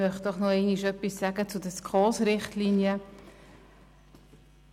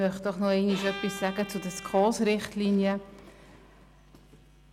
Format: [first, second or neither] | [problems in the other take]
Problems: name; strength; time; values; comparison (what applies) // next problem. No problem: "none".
first | background sound (Bowed string instrument); 12 dB below the speech